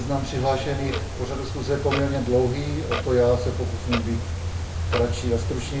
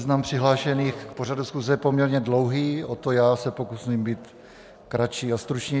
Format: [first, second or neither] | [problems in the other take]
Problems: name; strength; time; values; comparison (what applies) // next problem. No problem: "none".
second | background sound (Clock); 3 dB below the speech // room echo; dies away in 0.4 s